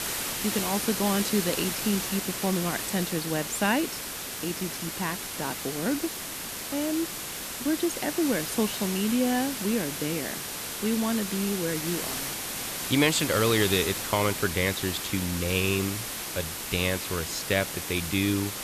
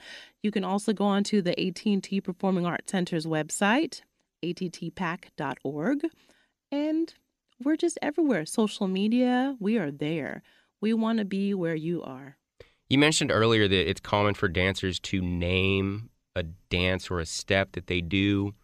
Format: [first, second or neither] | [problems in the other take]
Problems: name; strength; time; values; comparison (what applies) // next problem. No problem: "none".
second | hiss; loud; throughout; 3 dB below the speech